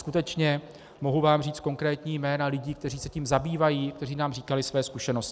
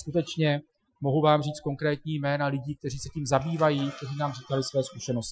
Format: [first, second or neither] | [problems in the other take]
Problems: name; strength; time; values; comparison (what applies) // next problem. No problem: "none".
first | noise reduction (classical method Wiener filter)